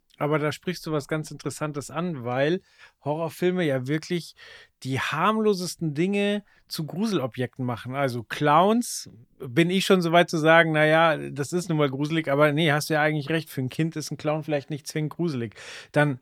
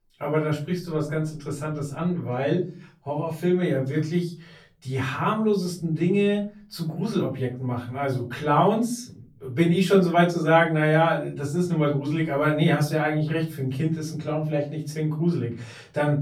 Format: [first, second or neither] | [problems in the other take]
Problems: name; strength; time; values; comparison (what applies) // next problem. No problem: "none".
first | off-mic speech; far // room echo; slight; dies away in 0.5 s